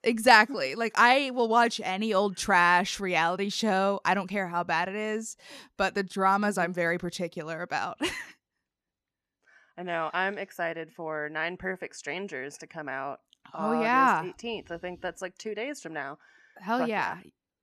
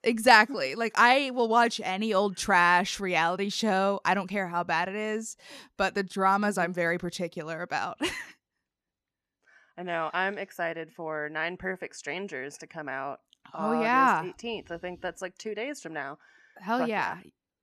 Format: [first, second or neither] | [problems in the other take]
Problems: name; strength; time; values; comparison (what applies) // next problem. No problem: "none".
neither | none